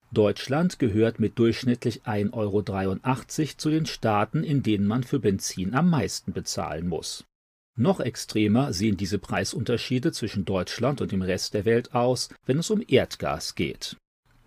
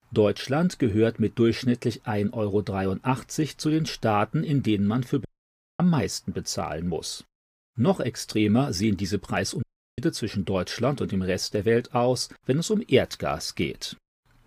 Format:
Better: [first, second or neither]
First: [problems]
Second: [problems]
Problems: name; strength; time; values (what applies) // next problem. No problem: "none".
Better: first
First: none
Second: audio cutting out; at 5.5 s for 0.5 s and at 9.5 s